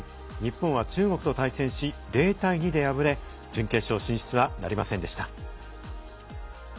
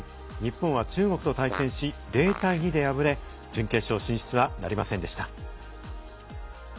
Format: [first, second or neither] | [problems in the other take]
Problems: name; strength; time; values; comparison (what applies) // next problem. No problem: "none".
first | background sound (Fart); 13 dB below the speech